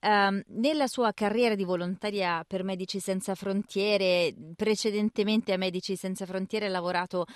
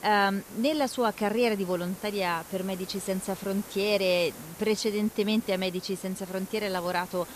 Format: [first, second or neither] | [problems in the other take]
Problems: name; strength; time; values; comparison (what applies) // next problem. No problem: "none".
first | hiss; noticeable; throughout; 15 dB below the speech